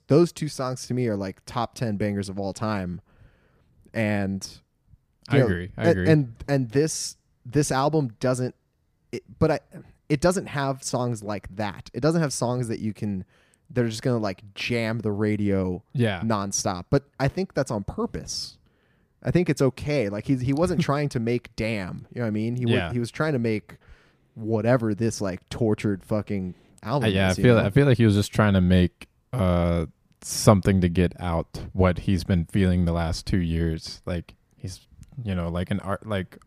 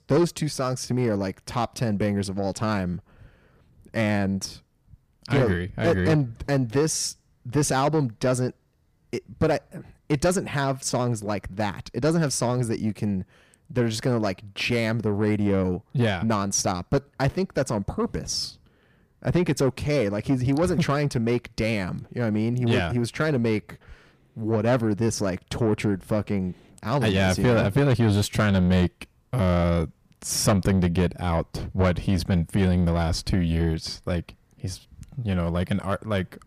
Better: first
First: none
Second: distortion; slight; 10 dB below the speech

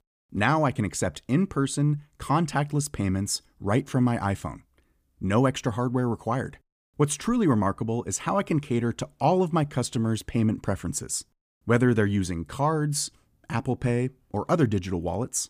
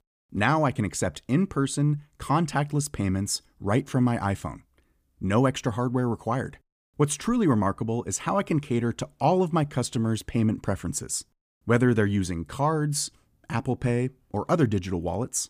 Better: neither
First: none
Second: none

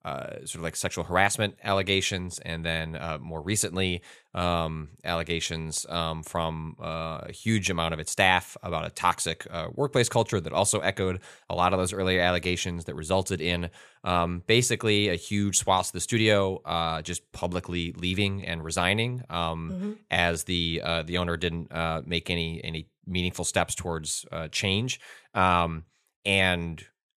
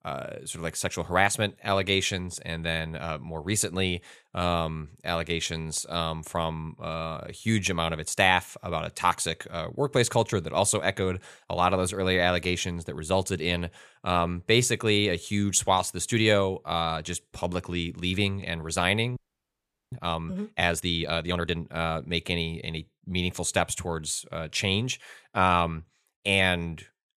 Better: first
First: none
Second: audio freezing; at 19 s for 1 s

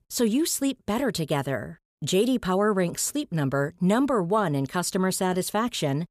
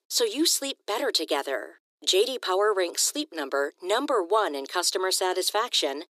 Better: first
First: none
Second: thin; very; fading below 300 Hz

